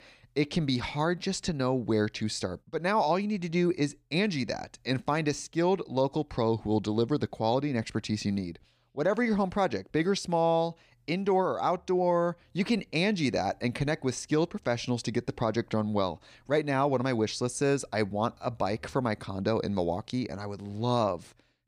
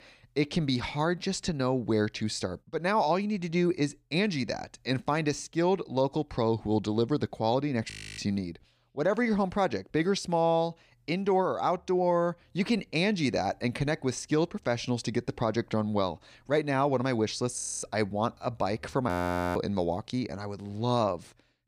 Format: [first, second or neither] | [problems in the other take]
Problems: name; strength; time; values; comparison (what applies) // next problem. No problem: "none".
first | audio freezing; at 8 s, at 18 s and at 19 s